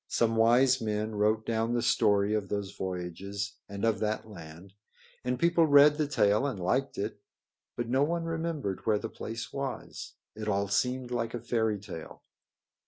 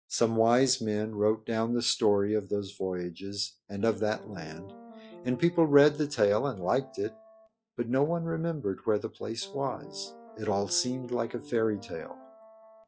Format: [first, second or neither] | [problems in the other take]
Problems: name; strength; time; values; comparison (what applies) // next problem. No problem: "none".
first | noise reduction (classical method log-MMSE)